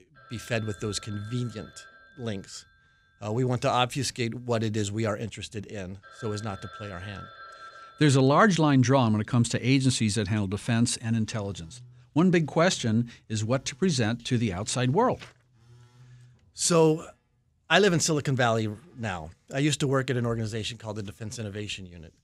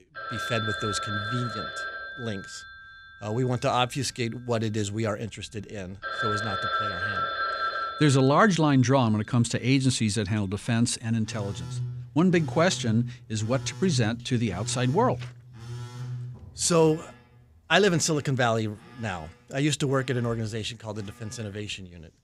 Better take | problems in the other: first | alarms or sirens; loud; throughout; 7 dB below the speech; faint in the first

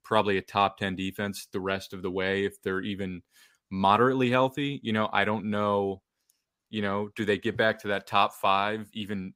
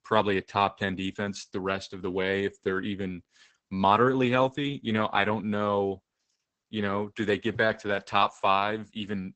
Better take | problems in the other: first | garbled, watery; badly; nothing above 8 kHz

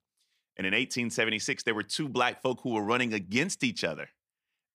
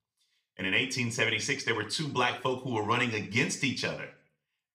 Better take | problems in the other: first | room echo; very slight; dies away in 0.4 s // off-mic speech; somewhat distant

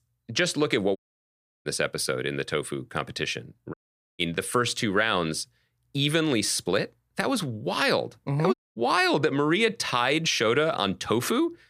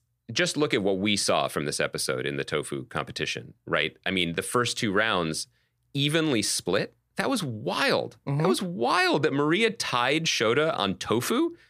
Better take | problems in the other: second | audio cutting out; at 1 s for 0.5 s, at 3.5 s and at 8.5 s

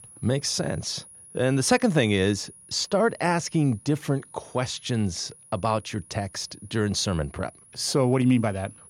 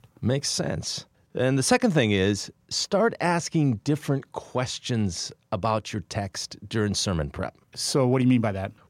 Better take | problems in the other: second | high-pitched whine; faint; throughout; 10.5 kHz, 20 dB below the speech

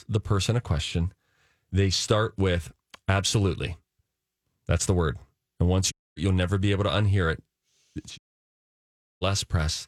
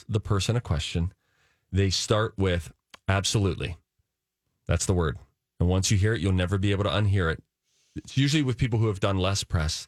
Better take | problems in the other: second | audio cutting out; at 6 s and at 8 s for 1 s

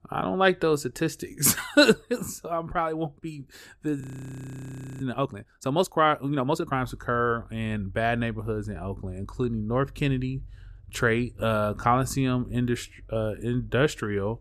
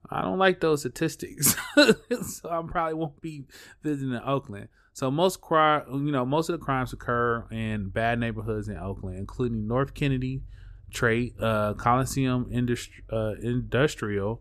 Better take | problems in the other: second | audio freezing; at 4 s for 1 s

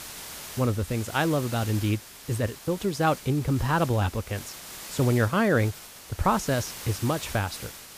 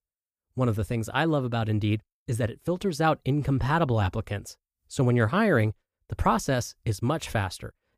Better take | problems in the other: second | hiss; noticeable; throughout; 15 dB below the speech

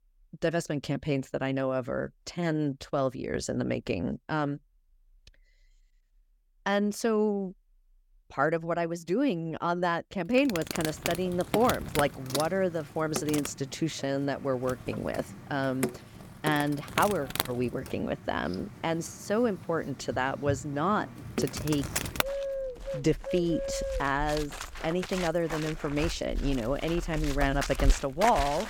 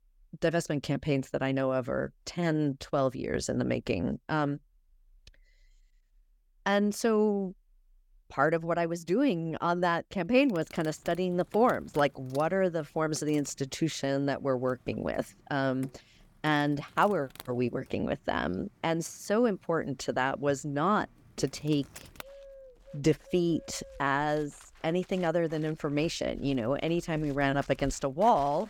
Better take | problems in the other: second | animal sounds; loud; from 11 s on; 5 dB below the speech; faint in the second

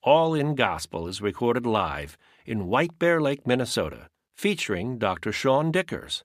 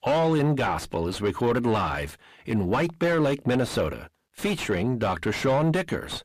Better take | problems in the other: first | distortion; heavy; 5 dB below the speech

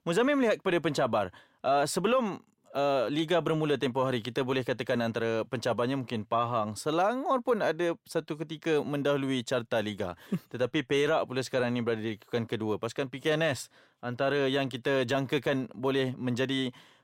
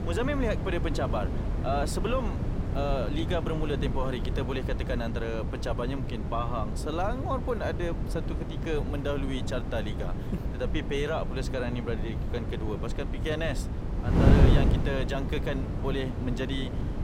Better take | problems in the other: first | wind noise on the microphone; heavy; 6 dB below the speech

